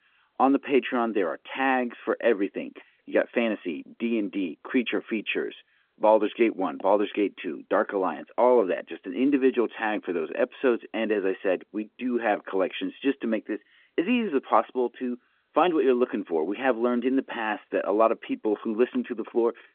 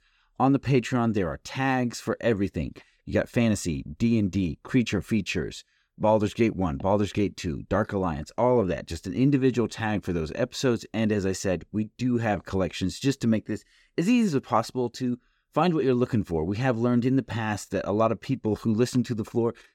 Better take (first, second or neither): second